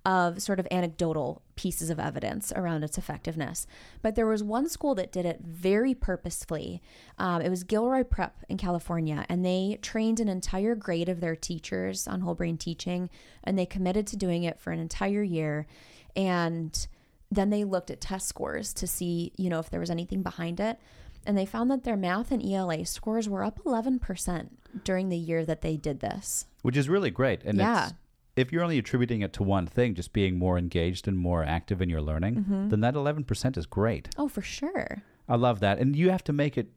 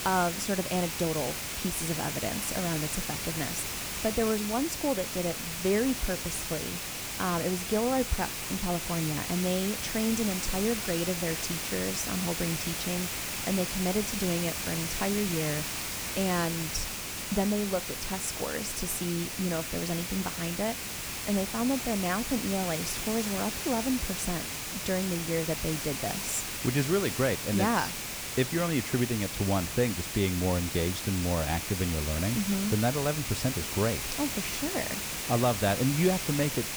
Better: first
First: none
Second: hiss; loud; throughout; 2 dB below the speech

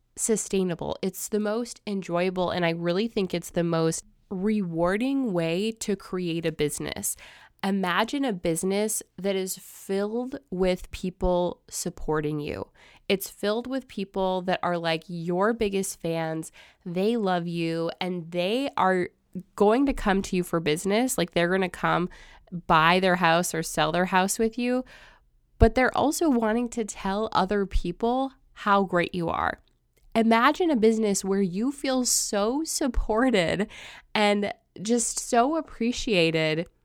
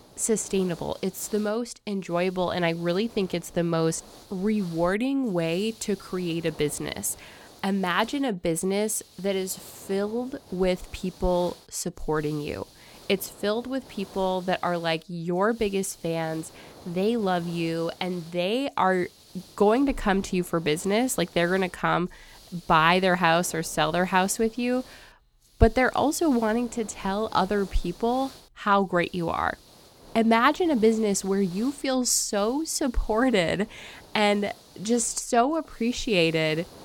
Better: first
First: none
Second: hiss; faint; throughout; 25 dB below the speech

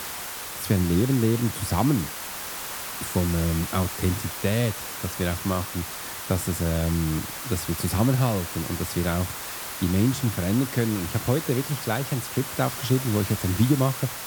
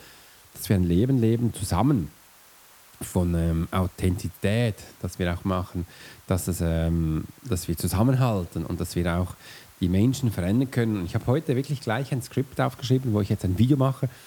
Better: second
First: hiss; loud; throughout; 6 dB below the speech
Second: hiss; faint; throughout; 25 dB below the speech

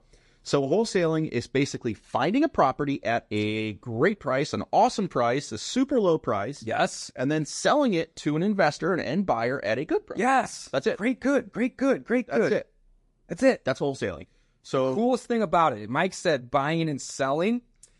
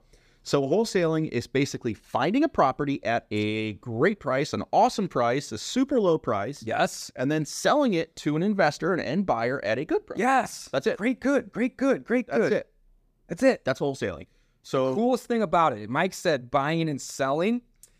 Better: second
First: garbled, watery; slightly; nothing above 11 kHz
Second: none

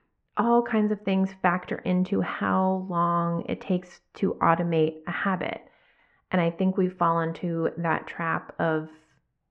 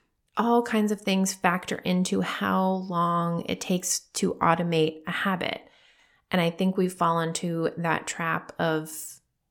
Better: second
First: muffled; very; fading above 2 kHz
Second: none

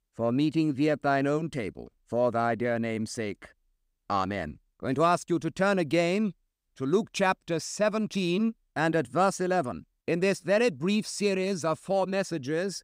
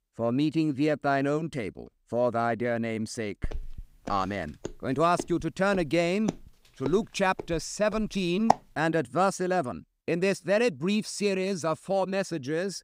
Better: first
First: none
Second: footsteps; loud; from 3.5 to 8.5 s; peak 1 dB above the speech

